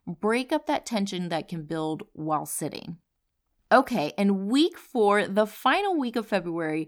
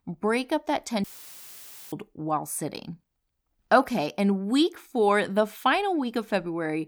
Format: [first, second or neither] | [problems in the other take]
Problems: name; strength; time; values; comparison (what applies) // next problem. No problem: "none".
first | audio cutting out; filled with static; at 1 s for 1 s